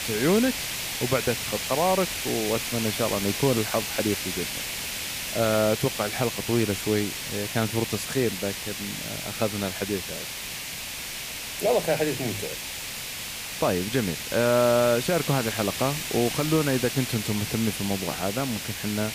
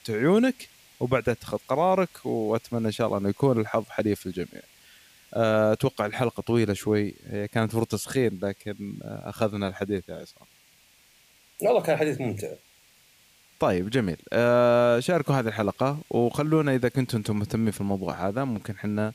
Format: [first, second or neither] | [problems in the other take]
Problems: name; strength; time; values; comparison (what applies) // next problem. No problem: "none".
second | hiss; loud; throughout; 4 dB below the speech; faint in the second